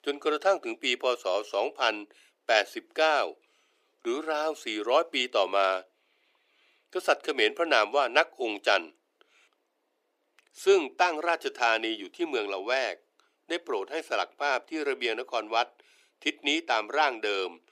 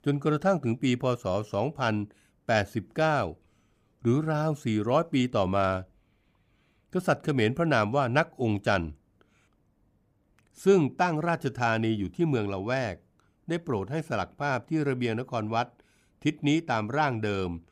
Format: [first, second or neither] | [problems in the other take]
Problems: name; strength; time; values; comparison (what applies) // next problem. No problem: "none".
second | thin; very; fading below 350 Hz